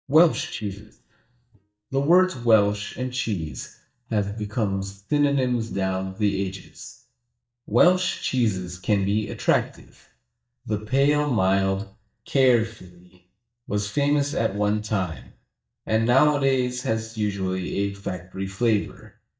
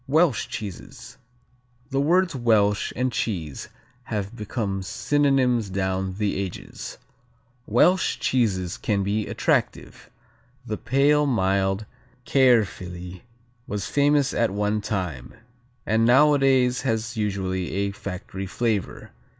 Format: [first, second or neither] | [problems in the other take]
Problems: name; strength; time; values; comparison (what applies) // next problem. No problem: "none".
second | noise reduction (neural mask model DeepFilterNet 3)